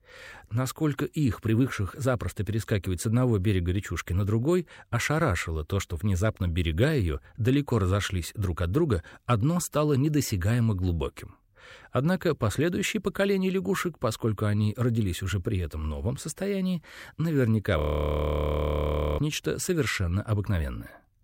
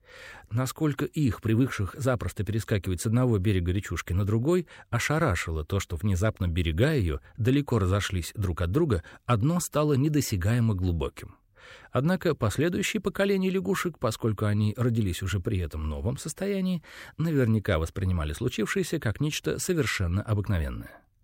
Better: second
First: audio freezing; at 18 s for 1.5 s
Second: none

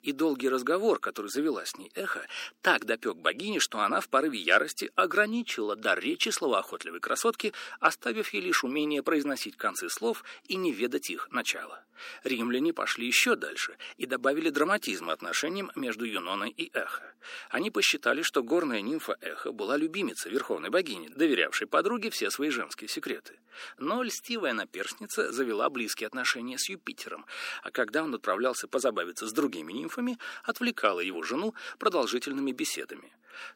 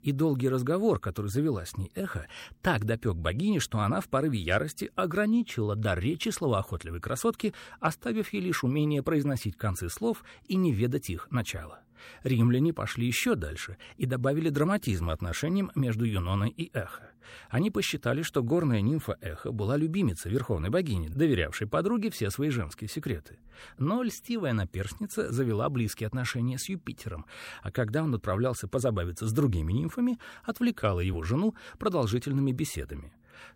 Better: second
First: thin; somewhat; fading below 250 Hz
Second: none

